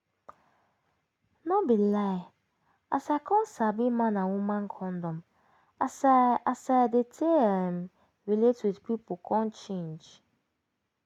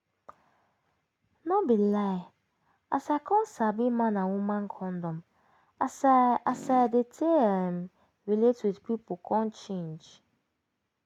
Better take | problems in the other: first | background sound (Fart); 14 dB below the speech

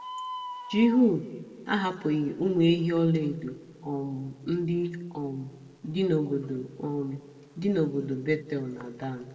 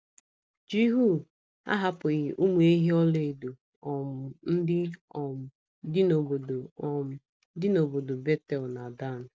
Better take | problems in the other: second | background sound (Bird); 19 dB below the speech // room echo; dies away in 1.3 s

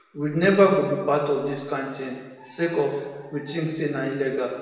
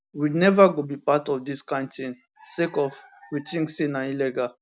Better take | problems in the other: second | room echo; dies away in 1.2 s

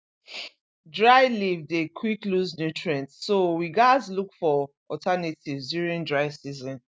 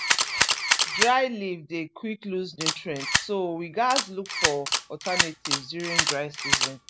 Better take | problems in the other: first | background sound (Camera); 2 dB above the speech

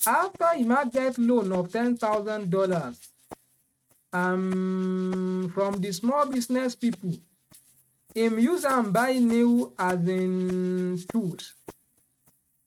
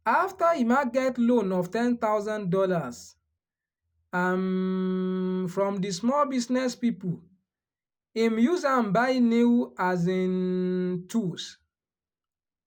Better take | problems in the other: second | noise reduction (neural mask model RNNoise)

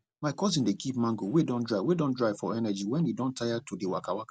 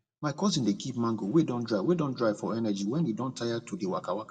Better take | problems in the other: first | room echo; dies away in 1 s

